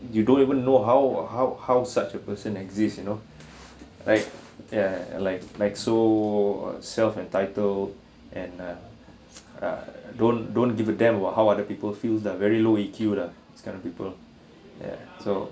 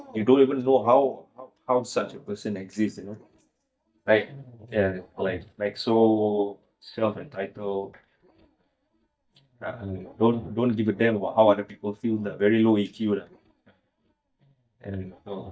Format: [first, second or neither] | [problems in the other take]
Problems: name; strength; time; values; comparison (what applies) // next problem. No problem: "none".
first | noise reduction (neural mask model DeepFilterNet 3)